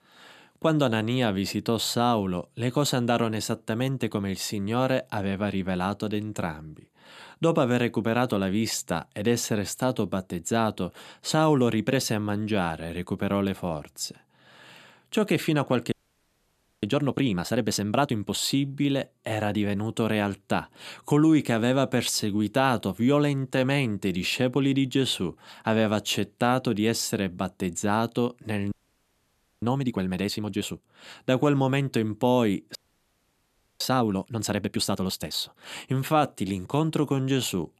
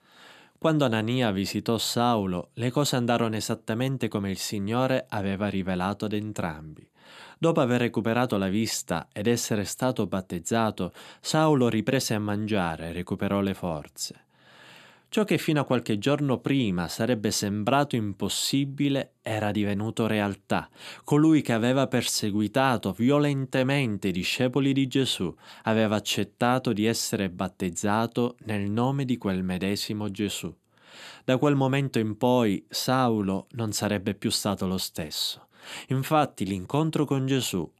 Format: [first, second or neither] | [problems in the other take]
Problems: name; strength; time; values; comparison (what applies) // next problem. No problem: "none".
second | audio freezing; at 16 s for 1 s, at 29 s for 1 s and at 33 s for 1 s